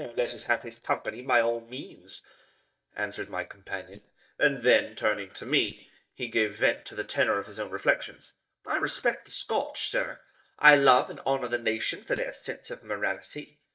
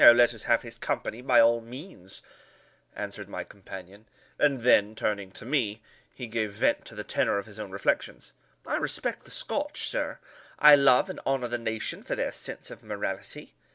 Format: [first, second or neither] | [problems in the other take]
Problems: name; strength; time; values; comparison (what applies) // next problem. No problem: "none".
second | noise reduction (neural mask model DeepFilterNet 3)